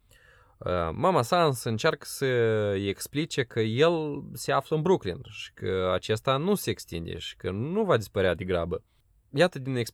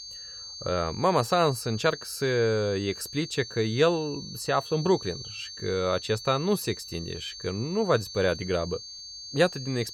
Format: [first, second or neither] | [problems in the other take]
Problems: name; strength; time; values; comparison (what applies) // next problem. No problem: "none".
first | high-pitched whine; noticeable; throughout; 4.5 kHz, 10 dB below the speech